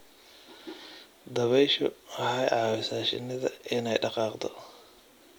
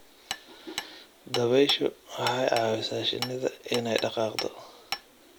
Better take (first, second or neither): first